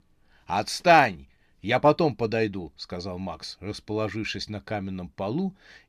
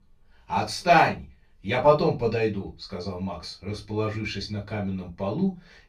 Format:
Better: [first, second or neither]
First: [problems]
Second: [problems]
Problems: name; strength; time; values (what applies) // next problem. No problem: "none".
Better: first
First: none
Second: off-mic speech; far // room echo; very slight; dies away in 0.2 s